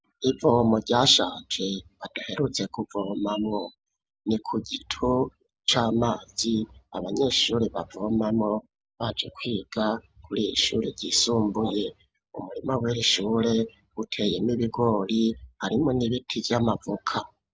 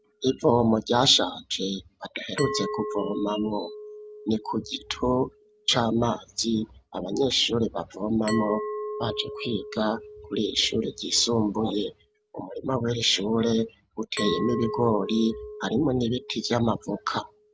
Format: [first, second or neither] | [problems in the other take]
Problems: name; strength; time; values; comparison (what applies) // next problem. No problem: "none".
first | background sound (Glass); 12 dB below the speech